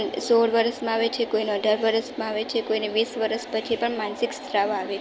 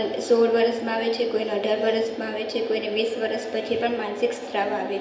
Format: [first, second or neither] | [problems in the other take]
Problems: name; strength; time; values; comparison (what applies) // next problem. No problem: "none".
first | room echo; dies away in 0.8 s